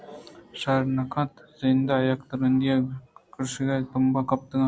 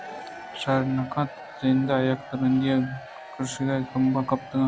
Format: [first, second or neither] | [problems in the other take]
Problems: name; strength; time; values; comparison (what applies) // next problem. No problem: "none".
first | background sound (Crowd / Cheering); 16 dB below the speech